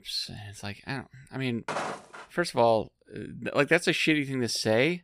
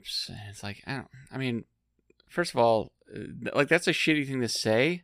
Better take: second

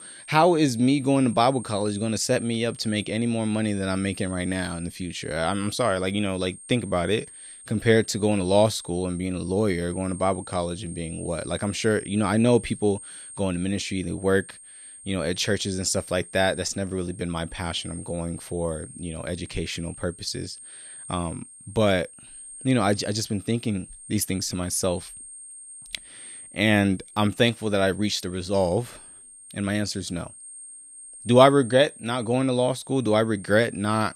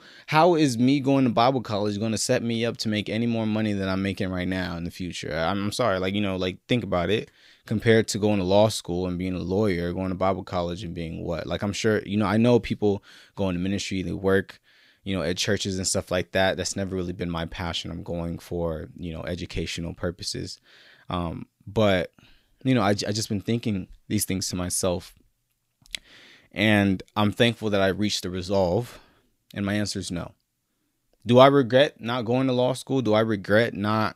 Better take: second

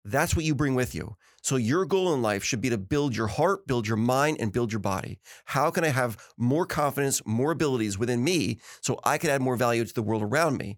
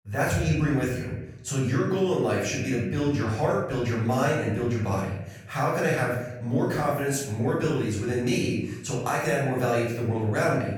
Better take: first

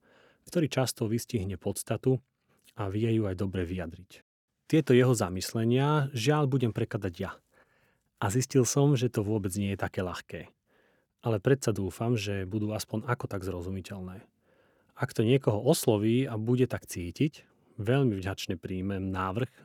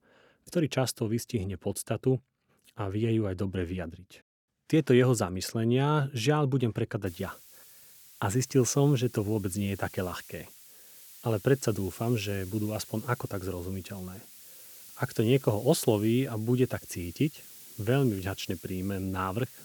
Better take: first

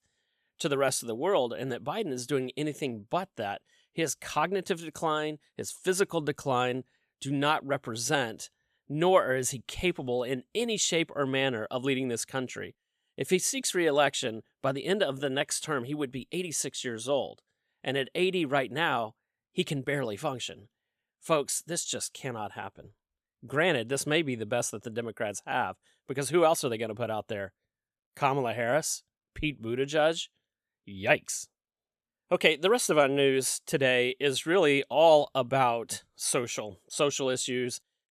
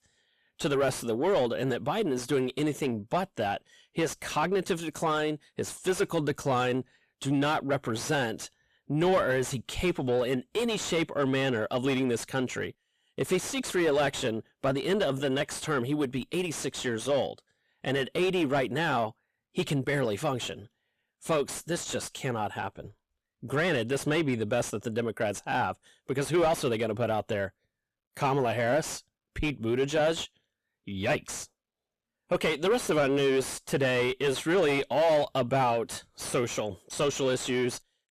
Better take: first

